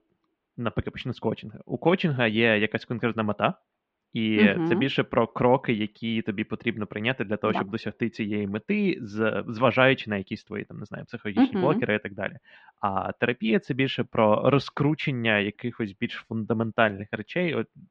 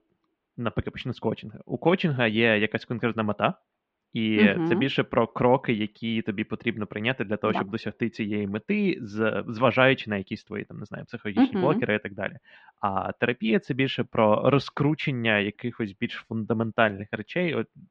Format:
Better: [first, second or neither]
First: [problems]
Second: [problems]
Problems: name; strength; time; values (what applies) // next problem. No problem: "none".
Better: neither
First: muffled; very; fading above 3.5 kHz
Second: muffled; very; fading above 3.5 kHz